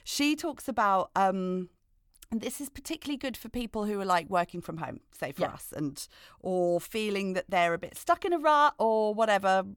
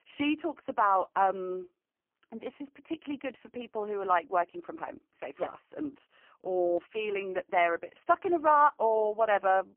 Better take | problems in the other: first | phone-call audio; poor line; nothing above 3 kHz

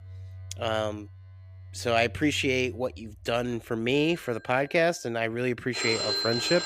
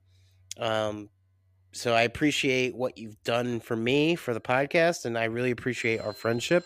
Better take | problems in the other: second | alarms or sirens; loud; throughout; 6 dB below the speech; faint in the second

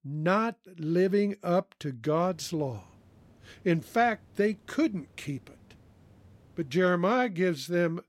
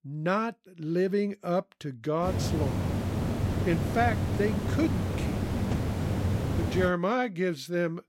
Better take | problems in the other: first | hiss; loud; from 2 to 7 s; as loud as the speech; faint in the first

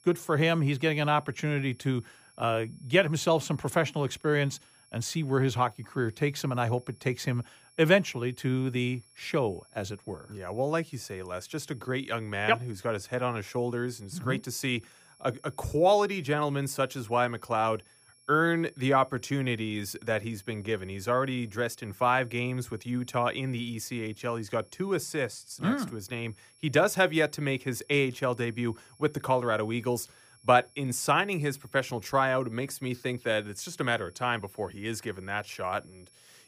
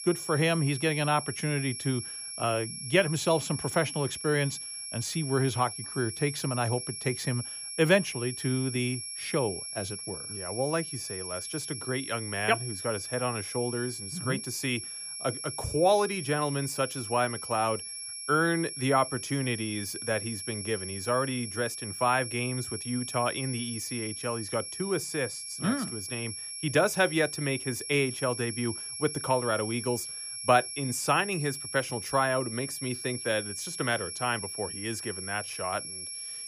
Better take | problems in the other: first | high-pitched whine; loud; throughout; 11 kHz, 6 dB below the speech; faint in the first

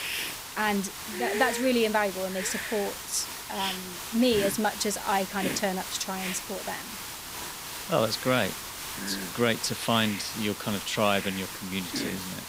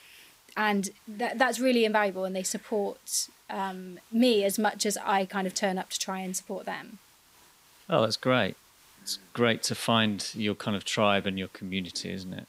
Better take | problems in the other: second | hiss; loud; throughout; 6 dB below the speech; faint in the second

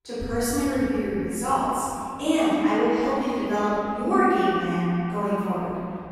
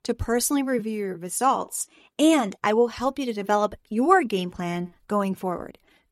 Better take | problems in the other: second | off-mic speech; far // room echo; strong; dies away in 3 s

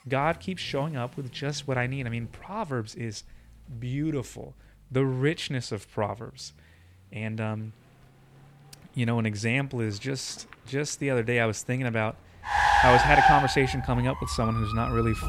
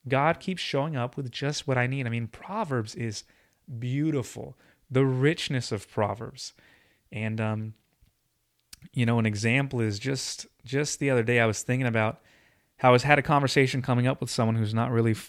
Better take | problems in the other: second | traffic noise; very loud; throughout; 4 dB above the speech

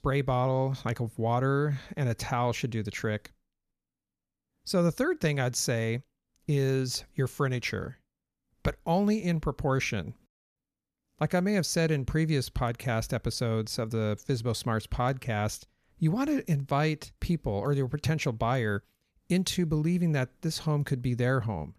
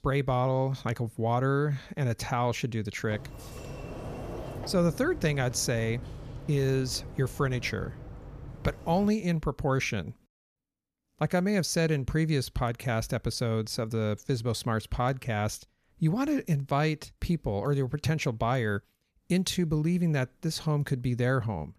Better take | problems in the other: first | door banging; noticeable; from 3 to 9 s; peak 9 dB below the speech

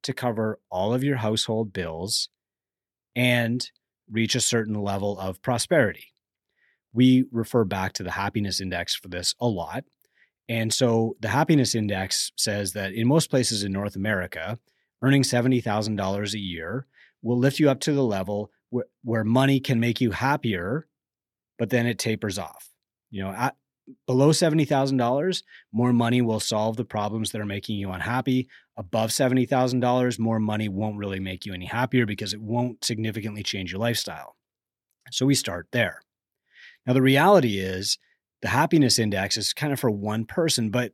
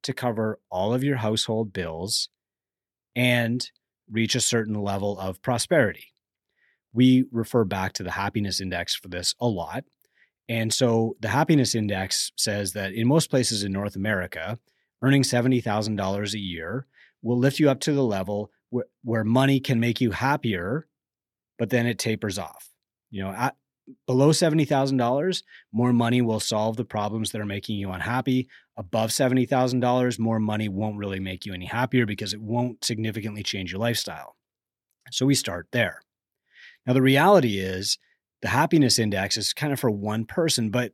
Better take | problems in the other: neither | none

